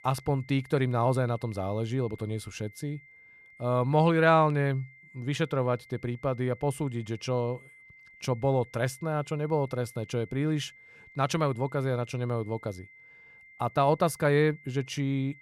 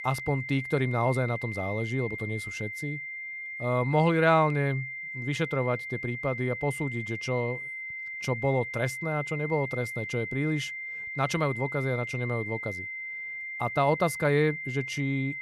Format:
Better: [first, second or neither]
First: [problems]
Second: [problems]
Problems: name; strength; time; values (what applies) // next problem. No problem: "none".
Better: first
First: high-pitched whine; faint; throughout; 2 kHz, 25 dB below the speech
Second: high-pitched whine; loud; throughout; 2 kHz, 6 dB below the speech